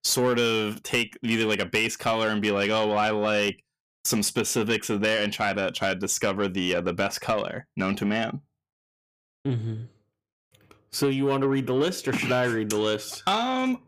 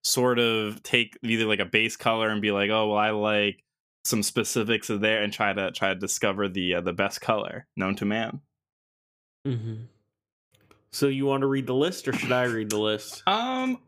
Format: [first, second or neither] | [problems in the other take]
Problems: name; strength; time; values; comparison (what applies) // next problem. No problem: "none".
second | distortion; slight; 10 dB below the speech